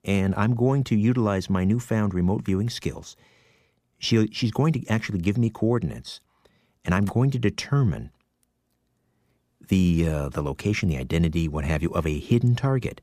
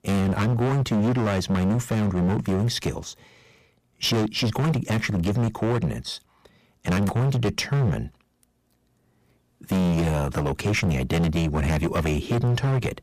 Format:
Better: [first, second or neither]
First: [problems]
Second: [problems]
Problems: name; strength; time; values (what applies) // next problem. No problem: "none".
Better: first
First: none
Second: distortion; heavy; 20% of the sound clipped